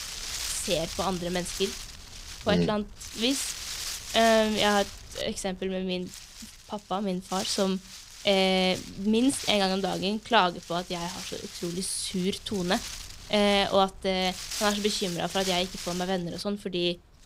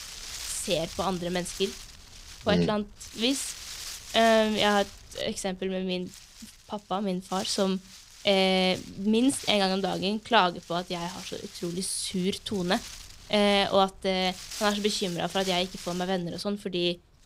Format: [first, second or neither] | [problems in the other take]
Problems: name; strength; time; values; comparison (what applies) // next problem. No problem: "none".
second | wind noise on the microphone; heavy; 10 dB below the speech; occasional gusts in the second